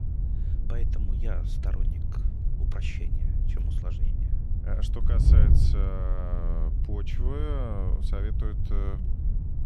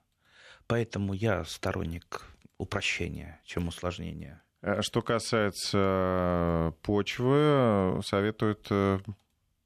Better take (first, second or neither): second